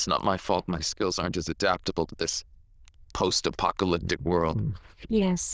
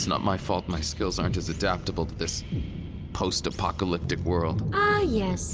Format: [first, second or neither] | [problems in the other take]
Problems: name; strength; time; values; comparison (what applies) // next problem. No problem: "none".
second | noise reduction (neural diffusion model UNIVERSE++)